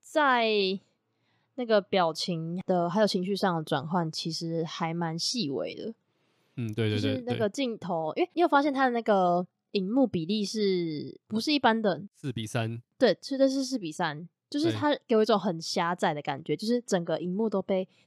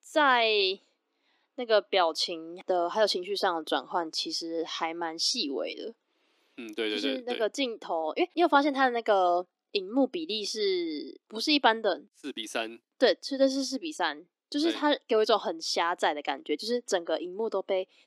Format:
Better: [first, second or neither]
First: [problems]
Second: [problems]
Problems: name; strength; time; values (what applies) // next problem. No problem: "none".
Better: first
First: none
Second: thin; very slightly; fading below 300 Hz